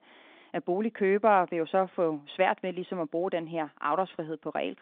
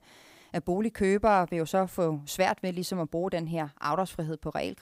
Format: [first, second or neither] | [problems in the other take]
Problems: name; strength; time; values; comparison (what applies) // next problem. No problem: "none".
second | phone-call audio